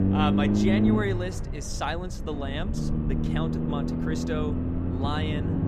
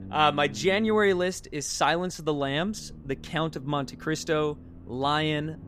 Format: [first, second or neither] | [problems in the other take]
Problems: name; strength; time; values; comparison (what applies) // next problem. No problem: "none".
second | low rumble; loud; throughout; 1 dB below the speech; faint in the second